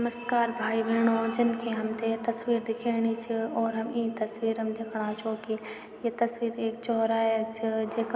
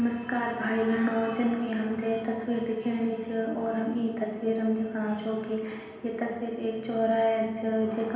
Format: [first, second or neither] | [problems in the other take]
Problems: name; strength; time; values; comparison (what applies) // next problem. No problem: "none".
first | room echo; dies away in 1.1 s